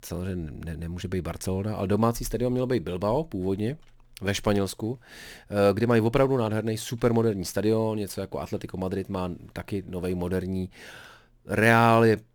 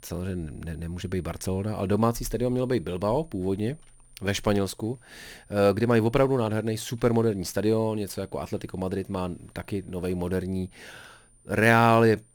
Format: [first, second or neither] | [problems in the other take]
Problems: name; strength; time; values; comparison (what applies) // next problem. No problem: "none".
first | high-pitched whine; faint; throughout; 9 kHz, 30 dB below the speech